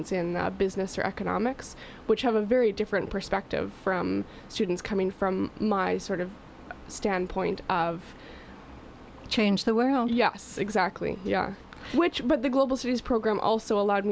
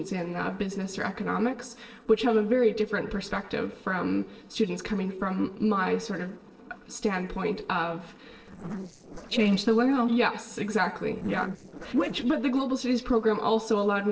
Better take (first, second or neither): first